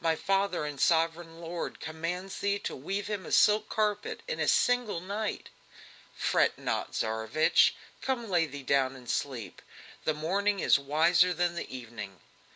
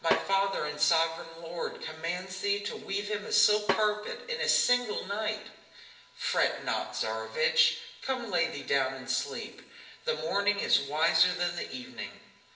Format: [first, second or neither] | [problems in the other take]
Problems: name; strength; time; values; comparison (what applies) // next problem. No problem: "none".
first | background sound (Snare drum); 6 dB below the speech // room echo; dies away in 0.9 s